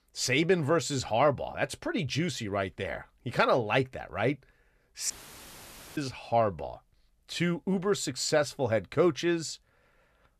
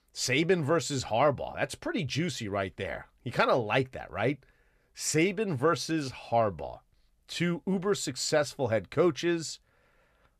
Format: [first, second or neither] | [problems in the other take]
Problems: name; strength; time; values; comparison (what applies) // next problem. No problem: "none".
second | audio cutting out; filled with static; at 5 s for 1 s